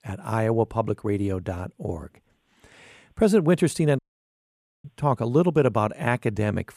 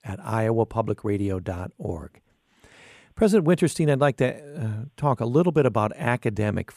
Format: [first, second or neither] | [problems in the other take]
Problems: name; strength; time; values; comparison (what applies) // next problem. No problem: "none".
second | audio cutting out; at 4 s for 1 s